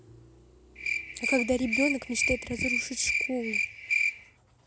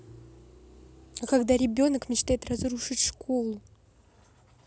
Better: second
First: background sound (Cricket); 2 dB above the speech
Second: none

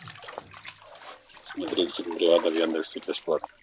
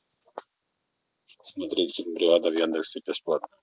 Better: second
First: background sound (Bathtub (filling or washing)); 14 dB below the speech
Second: none

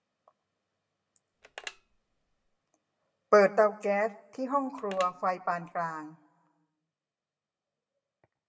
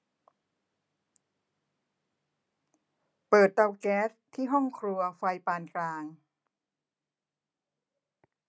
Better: second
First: background sound (Telephone); 18 dB below the speech // room echo; dies away in 0.5 s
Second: none

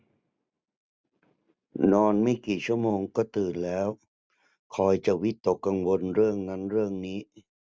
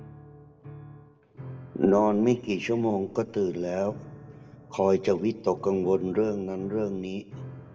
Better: first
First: none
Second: background sound (Piano); 18 dB below the speech // room echo; dies away in 1.8 s

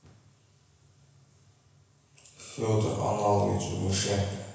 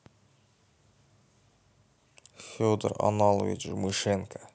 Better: second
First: room echo; dies away in 1.1 s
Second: none

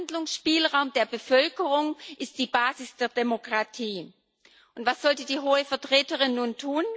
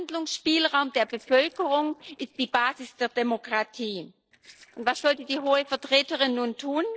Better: first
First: none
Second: noise reduction (neural separator model SepFormer DNS4)

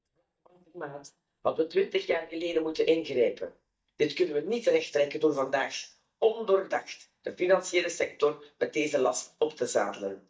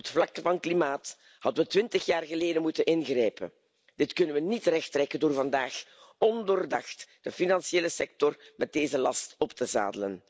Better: second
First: noise reduction (neural mask model DeepFilterNet 3)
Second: none

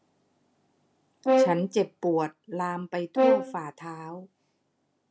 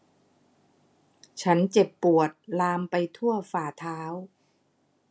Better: second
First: background sound (Brass instrument); 4 dB above the speech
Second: none

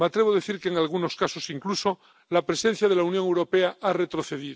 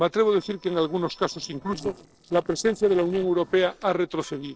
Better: first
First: none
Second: noise reduction (neural separator model SepFormer DNS4)

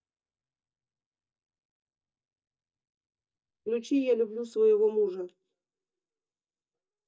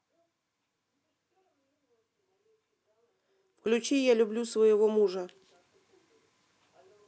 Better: second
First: noise reduction (neural mask model DeepFilterNet 3)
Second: none

